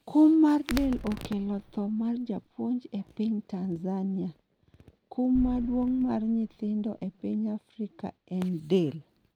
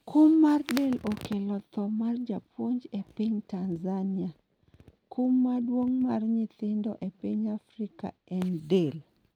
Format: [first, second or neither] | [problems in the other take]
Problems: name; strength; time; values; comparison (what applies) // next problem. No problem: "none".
second | background sound (Boom); 14 dB below the speech